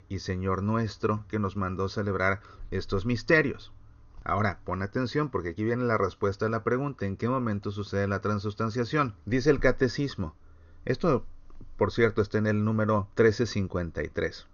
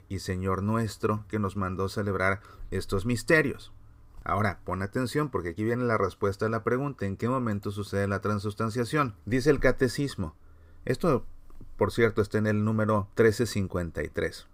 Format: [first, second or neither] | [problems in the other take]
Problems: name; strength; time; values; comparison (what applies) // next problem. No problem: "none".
second | garbled, watery; slightly; nothing above 6.5 kHz